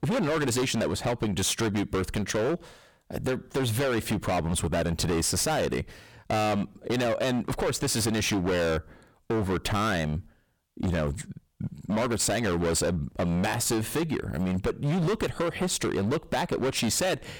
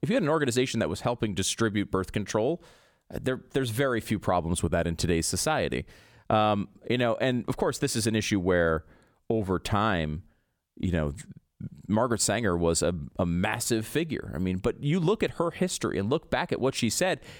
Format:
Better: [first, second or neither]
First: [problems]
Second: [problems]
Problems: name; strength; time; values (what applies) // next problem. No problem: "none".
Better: second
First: distortion; heavy; 24% of the sound clipped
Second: none